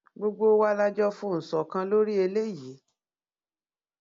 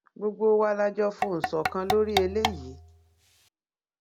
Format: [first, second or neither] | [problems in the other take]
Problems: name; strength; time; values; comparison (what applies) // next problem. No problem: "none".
first | background sound (Tap / Percussion); 4 dB below the speech